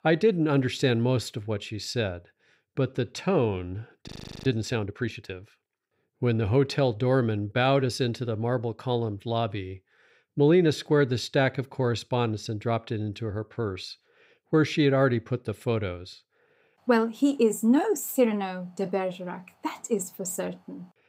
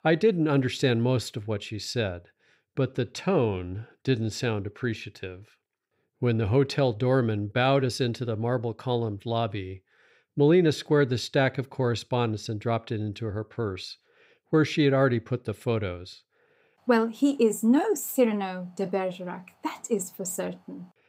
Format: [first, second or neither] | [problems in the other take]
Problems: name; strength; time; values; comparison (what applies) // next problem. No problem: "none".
second | audio freezing; at 4 s